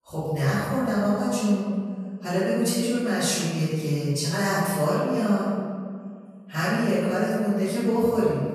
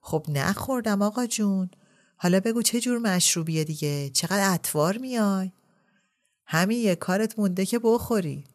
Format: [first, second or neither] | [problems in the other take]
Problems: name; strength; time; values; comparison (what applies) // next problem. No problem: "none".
second | off-mic speech; far // room echo; strong; dies away in 1.8 s